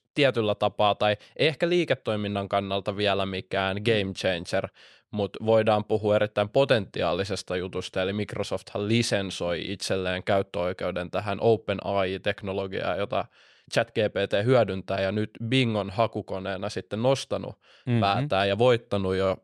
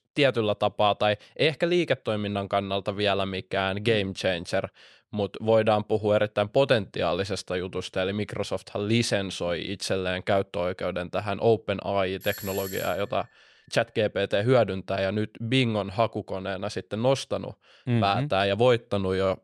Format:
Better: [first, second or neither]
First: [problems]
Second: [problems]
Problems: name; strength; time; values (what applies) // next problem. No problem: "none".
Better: first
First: none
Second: doorbell; faint; at 12 s; peak 10 dB below the speech